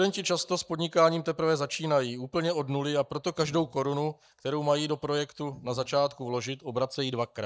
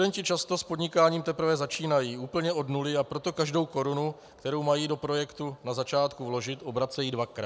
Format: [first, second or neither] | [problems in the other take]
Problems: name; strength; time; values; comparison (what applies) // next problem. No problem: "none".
second | noise reduction (neural mask model DeepFilterNet 3)